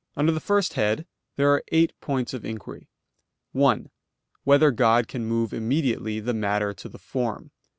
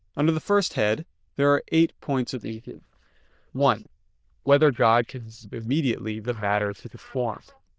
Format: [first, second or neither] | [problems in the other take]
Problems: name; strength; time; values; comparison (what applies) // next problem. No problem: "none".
first | noise reduction (neural diffusion model UNIVERSE++)